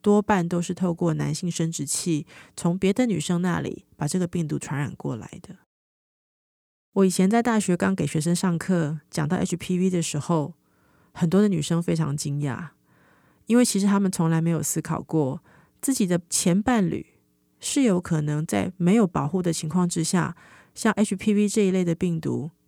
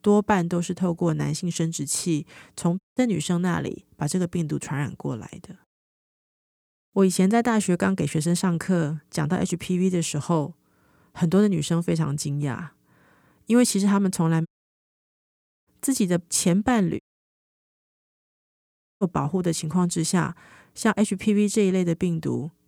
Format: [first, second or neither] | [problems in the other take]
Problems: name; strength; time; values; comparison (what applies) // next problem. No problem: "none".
first | audio cutting out; at 3 s, at 14 s for 1 s and at 17 s for 2 s